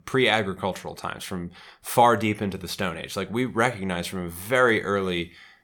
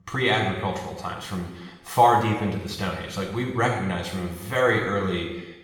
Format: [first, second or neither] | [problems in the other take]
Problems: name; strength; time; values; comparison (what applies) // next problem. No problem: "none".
first | room echo; noticeable; dies away in 1 s // off-mic speech; far